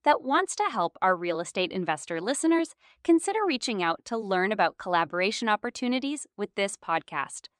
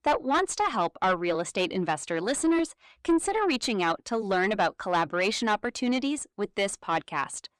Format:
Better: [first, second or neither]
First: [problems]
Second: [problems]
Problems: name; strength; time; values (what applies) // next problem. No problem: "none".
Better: first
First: none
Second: distortion; slight; 10 dB below the speech